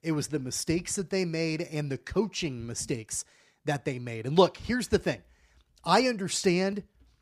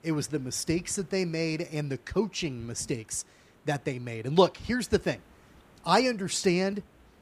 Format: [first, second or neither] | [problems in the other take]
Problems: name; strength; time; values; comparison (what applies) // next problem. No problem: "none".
first | hiss; faint; throughout; 30 dB below the speech